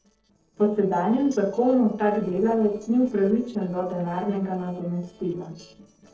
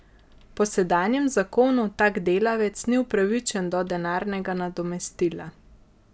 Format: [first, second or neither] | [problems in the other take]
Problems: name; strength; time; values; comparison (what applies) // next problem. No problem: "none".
second | noise reduction (neural separator model SepFormer DNS4)